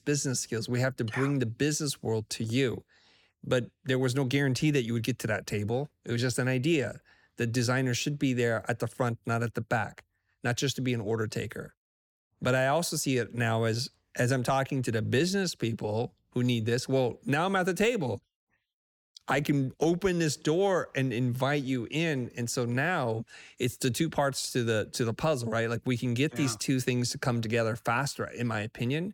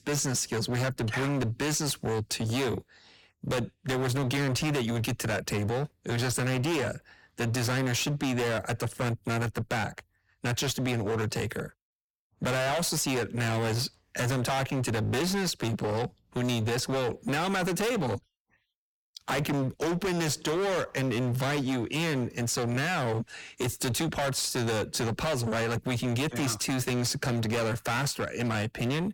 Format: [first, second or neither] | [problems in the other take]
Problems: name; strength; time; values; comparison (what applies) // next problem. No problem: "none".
first | distortion; heavy; 31% of the sound clipped